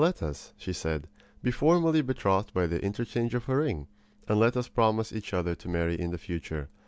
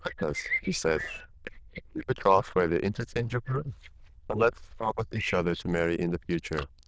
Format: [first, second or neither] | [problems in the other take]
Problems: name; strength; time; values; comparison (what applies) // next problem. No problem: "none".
first | noise reduction (neural diffusion model UNIVERSE++)